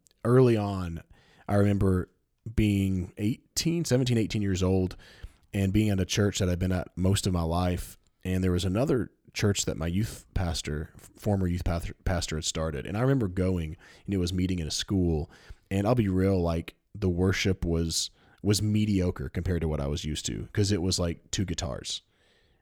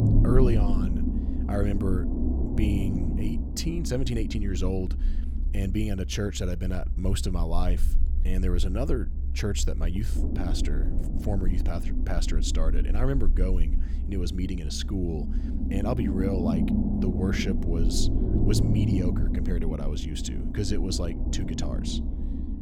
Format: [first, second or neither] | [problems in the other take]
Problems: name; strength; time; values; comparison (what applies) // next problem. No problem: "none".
first | low rumble; loud; throughout; 3 dB below the speech